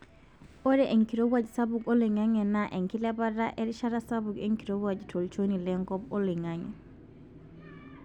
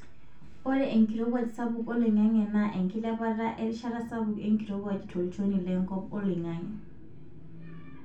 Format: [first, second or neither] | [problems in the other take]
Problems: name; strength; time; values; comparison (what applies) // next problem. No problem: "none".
first | room echo; dies away in 0.3 s